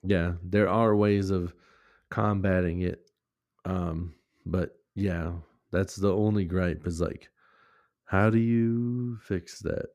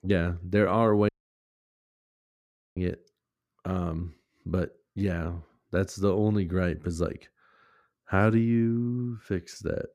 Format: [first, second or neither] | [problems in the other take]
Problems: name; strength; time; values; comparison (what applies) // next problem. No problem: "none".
first | audio cutting out; at 1 s for 1.5 s